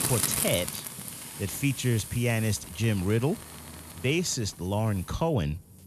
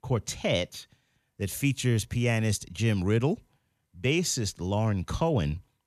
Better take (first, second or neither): second